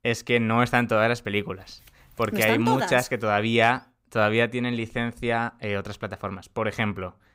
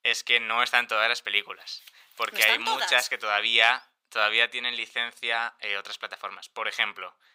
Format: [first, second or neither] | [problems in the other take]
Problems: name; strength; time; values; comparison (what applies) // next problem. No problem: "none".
first | thin; very; fading below 950 Hz